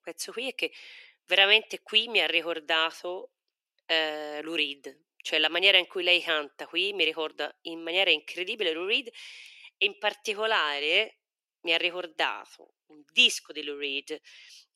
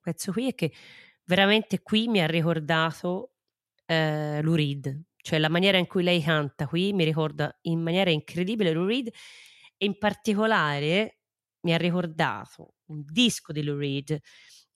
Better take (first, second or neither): second